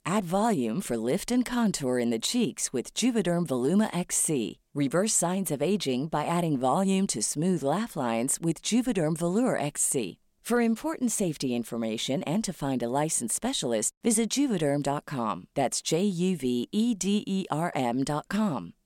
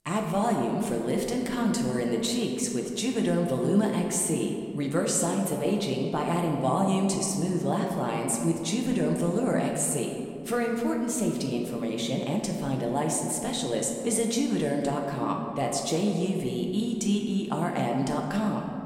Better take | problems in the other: first | room echo; noticeable; dies away in 2 s // off-mic speech; somewhat distant

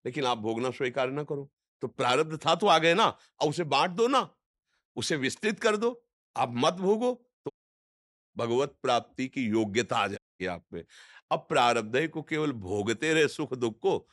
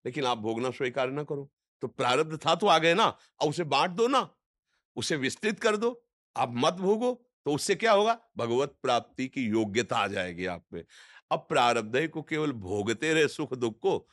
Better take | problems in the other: second | audio cutting out; at 7.5 s for 1 s and at 10 s

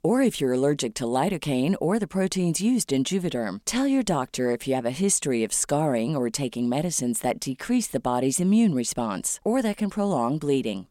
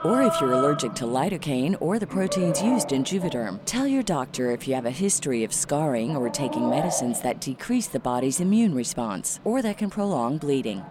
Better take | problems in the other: first | animal sounds; loud; throughout; 5 dB below the speech

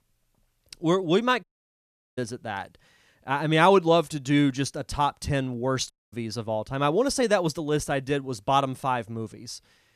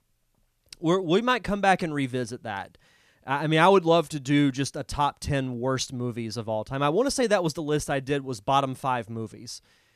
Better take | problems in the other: second | audio cutting out; at 1.5 s for 0.5 s and at 6 s

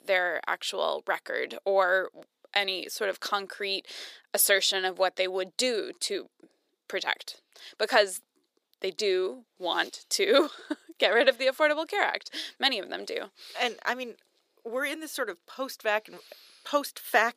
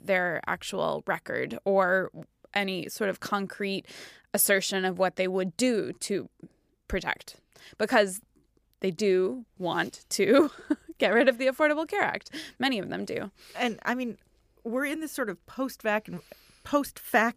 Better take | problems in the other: second | thin; somewhat; fading below 400 Hz

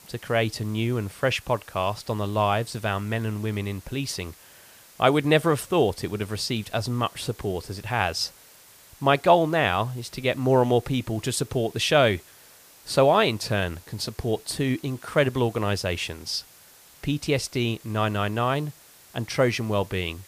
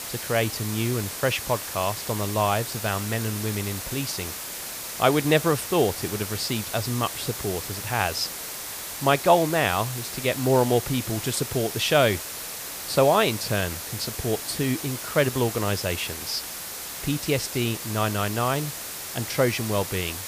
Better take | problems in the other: first | hiss; loud; throughout; 7 dB below the speech; faint in the first

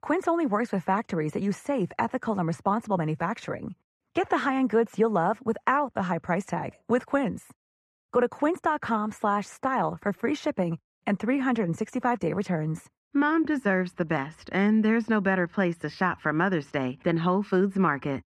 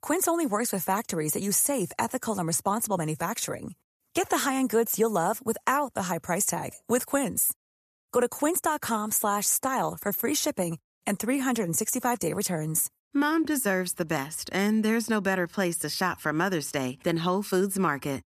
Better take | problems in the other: second | muffled; very; fading above 2 kHz

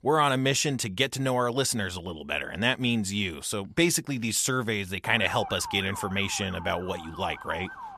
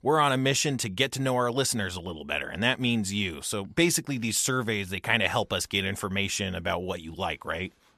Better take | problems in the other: second | siren; noticeable; from 5 s on; peak 9 dB below the speech

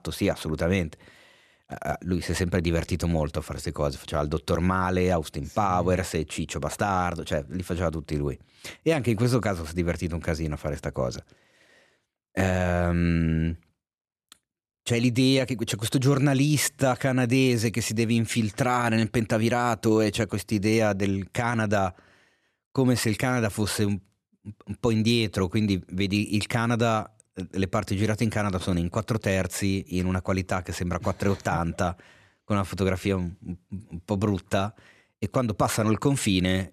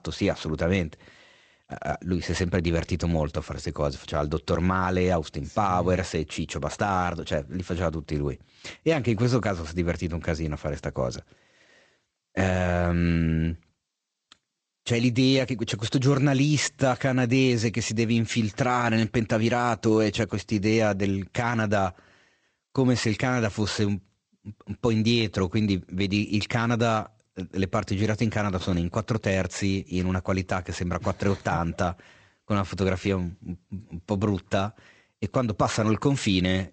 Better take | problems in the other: first | garbled, watery; slightly; nothing above 8 kHz

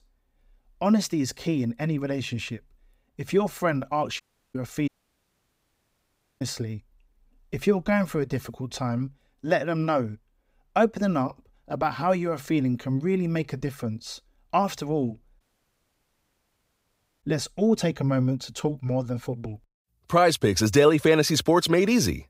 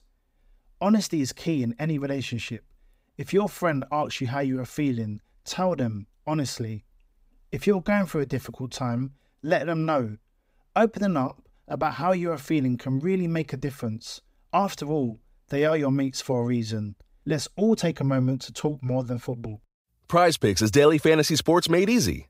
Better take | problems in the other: second | audio cutting out; at 4 s, at 5 s for 1.5 s and at 15 s for 2 s

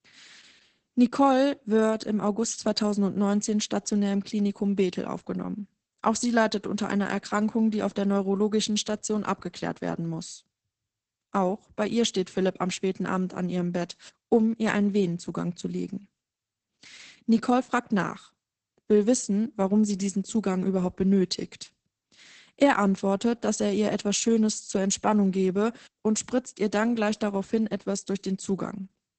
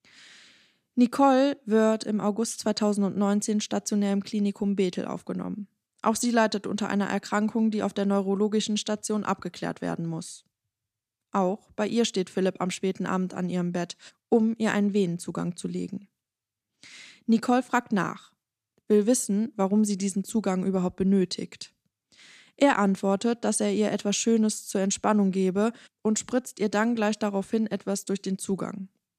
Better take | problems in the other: second | garbled, watery; badly; nothing above 8 kHz

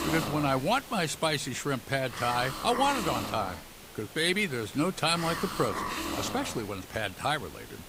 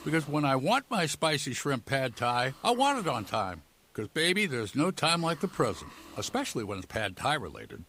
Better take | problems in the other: second | hiss; loud; throughout; 8 dB below the speech; faint in the second

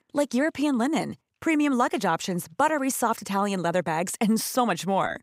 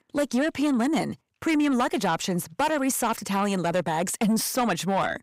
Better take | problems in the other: first | distortion; slight; 10 dB below the speech

